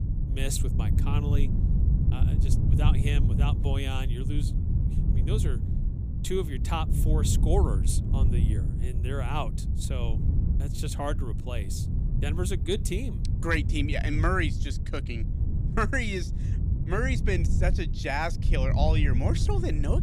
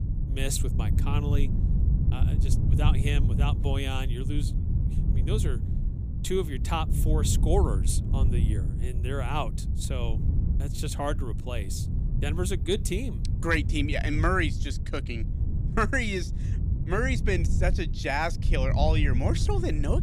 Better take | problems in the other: second | wind noise on the microphone; heavy; 8 dB below the speech; occasional gusts in the second

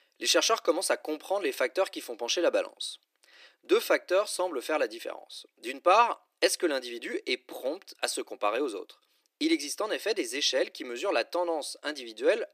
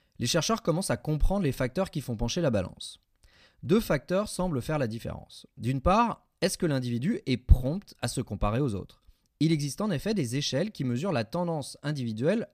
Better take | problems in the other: second | thin; very; fading below 300 Hz

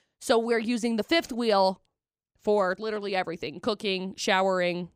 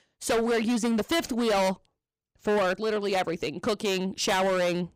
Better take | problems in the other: first | distortion; heavy; 18% of the sound clipped

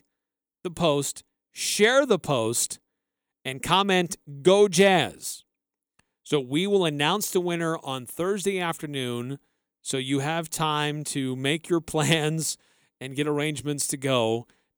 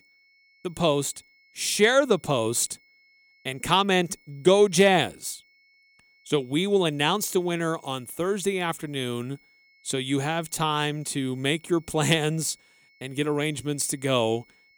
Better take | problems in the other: first | high-pitched whine; faint; throughout; 2 kHz, 35 dB below the speech

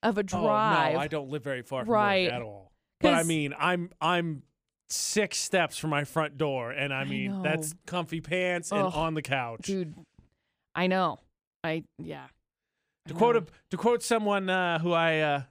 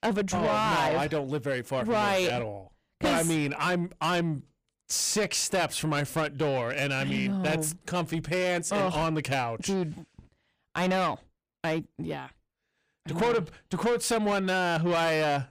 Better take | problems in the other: first | distortion; heavy; 7 dB below the speech

